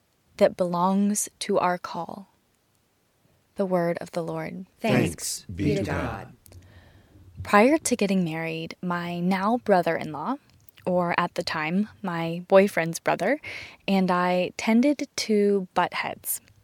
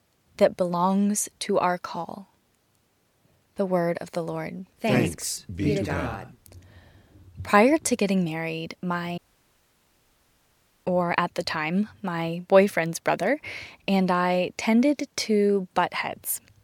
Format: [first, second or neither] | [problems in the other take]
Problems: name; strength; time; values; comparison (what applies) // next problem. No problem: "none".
first | audio cutting out; at 9 s for 1.5 s